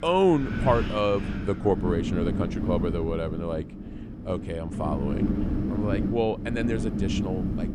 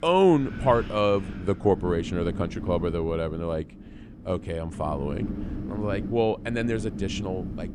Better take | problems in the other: second | wind noise on the microphone; heavy; 7 dB below the speech; occasional gusts in the second

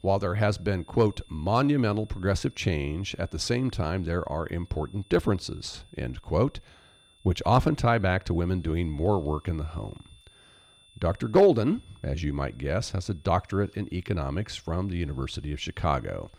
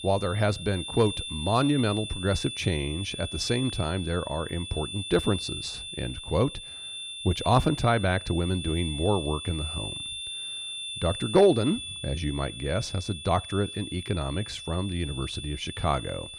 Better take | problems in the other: first | high-pitched whine; loud; throughout; 3.5 kHz, 7 dB below the speech; faint in the first

